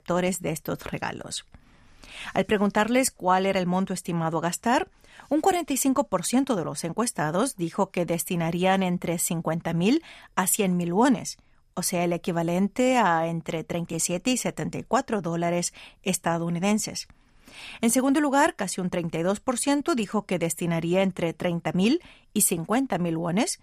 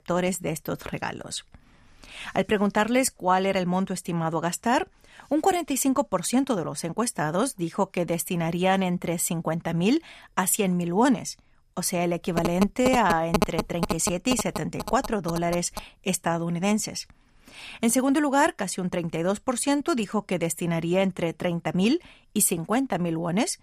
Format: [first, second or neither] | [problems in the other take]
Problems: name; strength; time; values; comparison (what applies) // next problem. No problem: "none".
first | phone ringing; noticeable; from 12 to 16 s; peak level with the speech